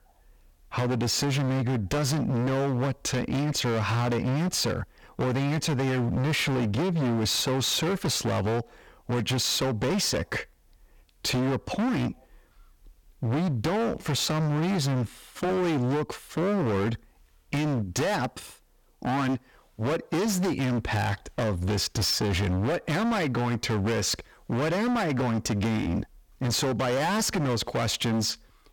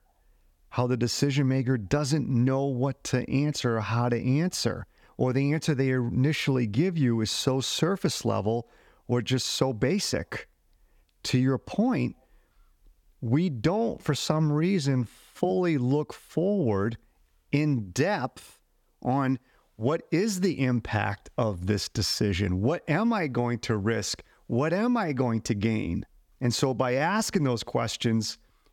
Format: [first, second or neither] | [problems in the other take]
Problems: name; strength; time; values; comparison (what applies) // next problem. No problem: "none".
second | distortion; heavy; 30% of the sound clipped